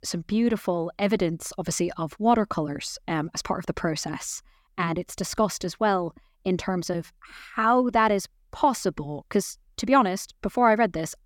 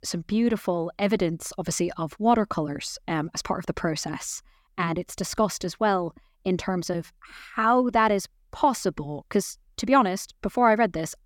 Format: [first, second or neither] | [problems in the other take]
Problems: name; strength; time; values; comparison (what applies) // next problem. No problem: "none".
neither | none